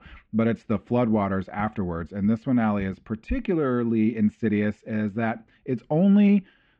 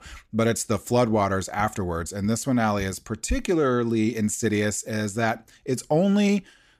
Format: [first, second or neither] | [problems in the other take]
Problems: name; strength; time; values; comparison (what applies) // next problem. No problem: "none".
second | muffled; very; fading above 3 kHz